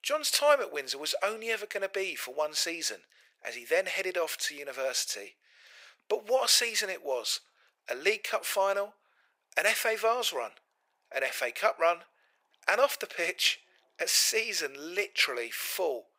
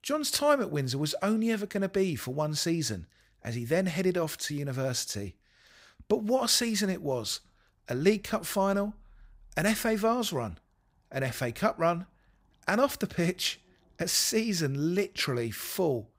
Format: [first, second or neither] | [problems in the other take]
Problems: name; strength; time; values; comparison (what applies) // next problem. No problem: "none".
second | thin; very; fading below 500 Hz